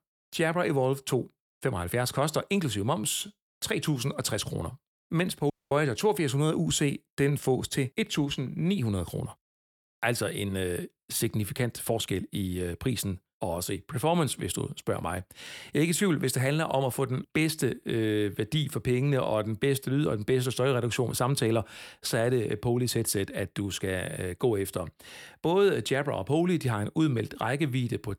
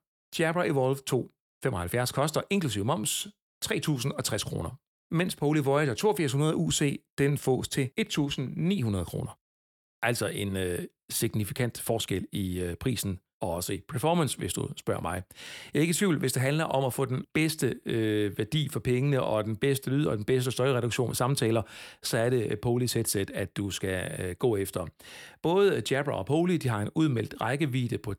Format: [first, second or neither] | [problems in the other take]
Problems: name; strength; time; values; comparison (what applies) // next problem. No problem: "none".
second | audio cutting out; at 5.5 s